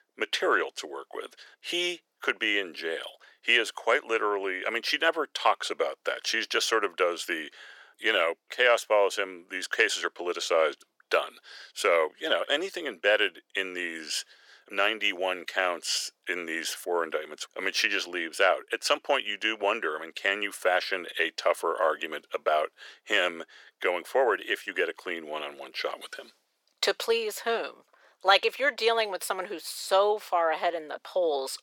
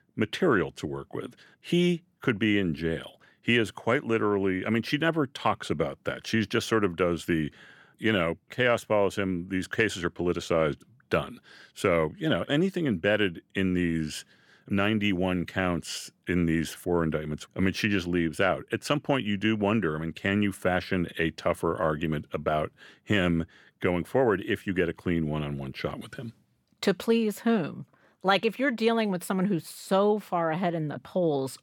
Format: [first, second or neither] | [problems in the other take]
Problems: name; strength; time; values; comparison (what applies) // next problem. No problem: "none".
second | thin; very; fading below 450 Hz